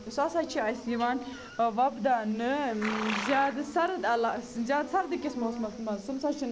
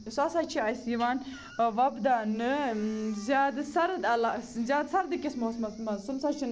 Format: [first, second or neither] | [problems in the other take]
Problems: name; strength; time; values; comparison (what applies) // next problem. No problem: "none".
second | background sound (Livestock, farm animals, working animals); 13 dB below the speech